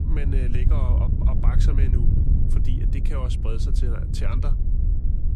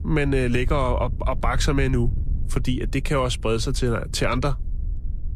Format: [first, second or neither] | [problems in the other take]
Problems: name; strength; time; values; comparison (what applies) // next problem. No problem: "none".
second | wind noise on the microphone; heavy; 1 dB below the speech; occasional gusts in the second